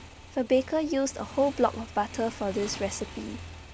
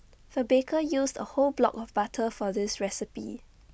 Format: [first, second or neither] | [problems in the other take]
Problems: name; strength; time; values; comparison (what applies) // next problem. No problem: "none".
second | background sound (Motorcycle / Engine); 14 dB below the speech